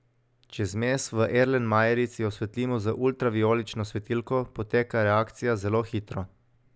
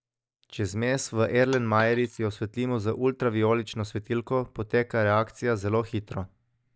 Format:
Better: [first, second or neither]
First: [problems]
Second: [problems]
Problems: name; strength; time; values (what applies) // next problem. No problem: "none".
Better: first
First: none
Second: noise reduction (neural mask model DeepFilterNet 3)